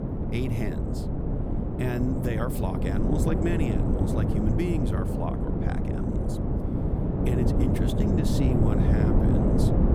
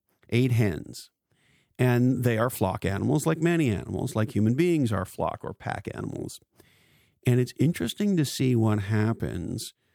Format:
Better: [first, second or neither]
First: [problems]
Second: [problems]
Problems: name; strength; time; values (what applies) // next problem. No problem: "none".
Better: second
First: wind noise on the microphone; heavy; 3 dB above the speech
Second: none